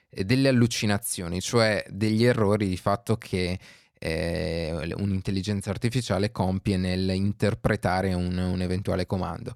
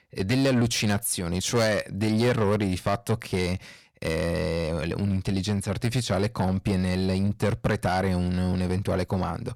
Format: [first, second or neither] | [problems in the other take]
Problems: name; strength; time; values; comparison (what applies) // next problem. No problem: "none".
first | distortion; slight; 10 dB below the speech